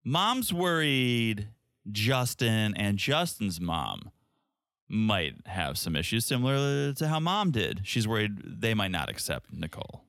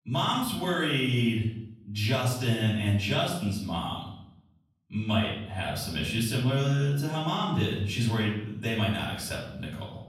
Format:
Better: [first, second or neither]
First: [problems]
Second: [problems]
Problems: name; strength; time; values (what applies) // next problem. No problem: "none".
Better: first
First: none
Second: off-mic speech; far // room echo; noticeable; dies away in 0.7 s